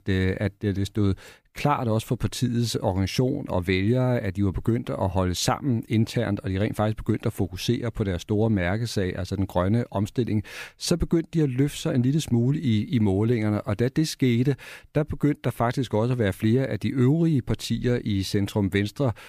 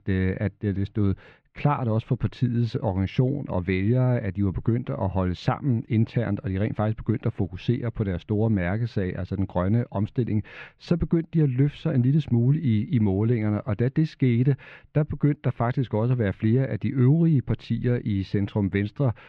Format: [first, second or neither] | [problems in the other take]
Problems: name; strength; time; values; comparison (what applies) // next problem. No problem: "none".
first | muffled; slightly; fading above 3 kHz